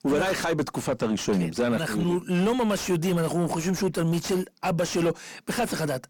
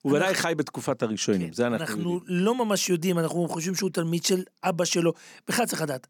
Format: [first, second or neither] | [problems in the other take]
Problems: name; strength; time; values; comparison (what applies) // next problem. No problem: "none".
second | distortion; heavy; 7 dB below the speech